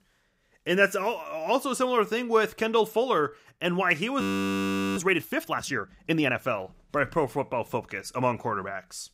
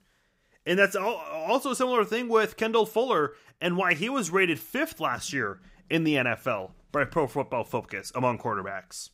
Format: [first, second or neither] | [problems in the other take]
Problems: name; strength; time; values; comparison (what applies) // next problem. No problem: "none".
second | audio freezing; at 4 s for 1 s